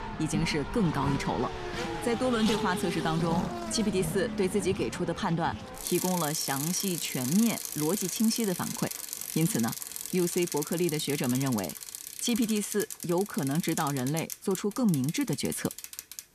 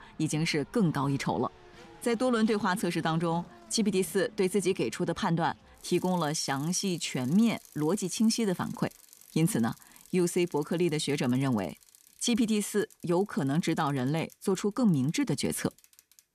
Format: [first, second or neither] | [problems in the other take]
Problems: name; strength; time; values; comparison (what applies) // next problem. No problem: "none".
second | traffic noise; loud; throughout; 6 dB below the speech; faint in the second